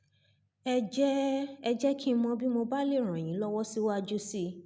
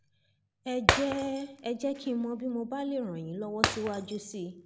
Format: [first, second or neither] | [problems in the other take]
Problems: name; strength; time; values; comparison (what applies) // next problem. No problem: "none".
first | background sound (Shatter); 1 dB below the speech